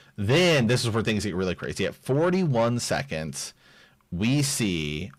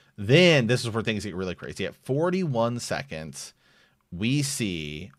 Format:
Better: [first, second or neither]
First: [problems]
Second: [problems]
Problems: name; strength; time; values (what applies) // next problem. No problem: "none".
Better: second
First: distortion; heavy; 7 dB below the speech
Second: none